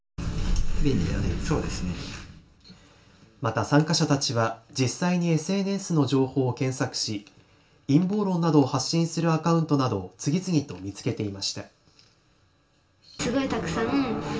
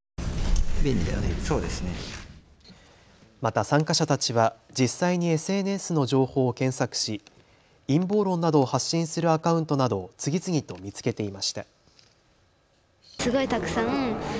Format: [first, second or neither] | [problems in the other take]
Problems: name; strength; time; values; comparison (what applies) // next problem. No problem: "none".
second | room echo; dies away in 0.2 s